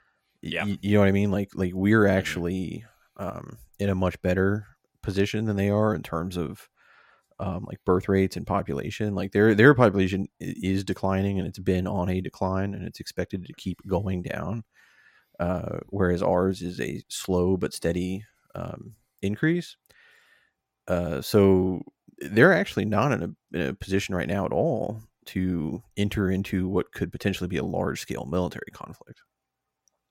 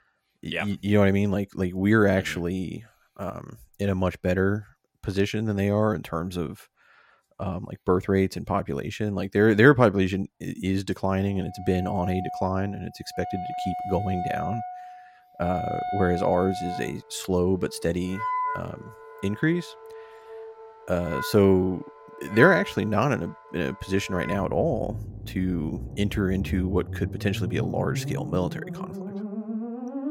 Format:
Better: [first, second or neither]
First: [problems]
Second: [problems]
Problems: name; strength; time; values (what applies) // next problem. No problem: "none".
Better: first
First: none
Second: background music; loud; from 12 s on; 9 dB below the speech